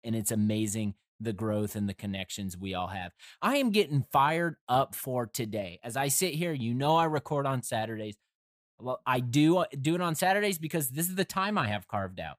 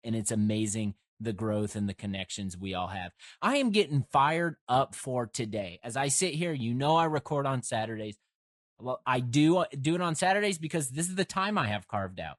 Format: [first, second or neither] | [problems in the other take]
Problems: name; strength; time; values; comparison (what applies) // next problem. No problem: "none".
first | garbled, watery; slightly; nothing above 10.5 kHz